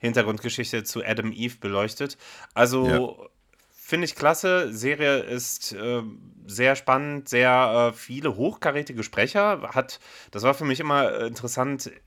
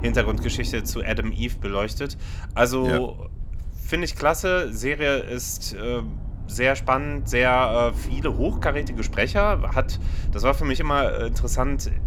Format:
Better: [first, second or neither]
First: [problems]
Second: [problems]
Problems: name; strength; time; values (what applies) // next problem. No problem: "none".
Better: first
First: none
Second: low rumble; faint; throughout; 20 dB below the speech